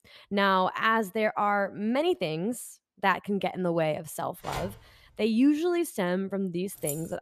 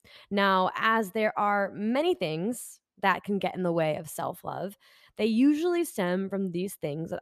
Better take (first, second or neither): second